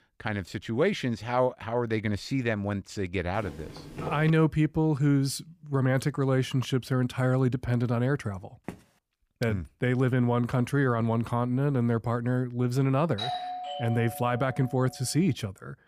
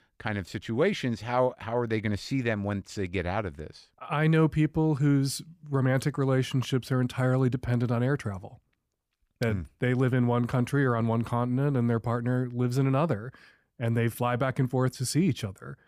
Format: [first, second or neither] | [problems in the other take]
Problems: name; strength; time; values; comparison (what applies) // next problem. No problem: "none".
second | footsteps; noticeable; at 3.5 s; peak 10 dB below the speech // footsteps; faint; at 8.5 s; peak 15 dB below the speech // doorbell; noticeable; from 13 to 15 s; peak 5 dB below the speech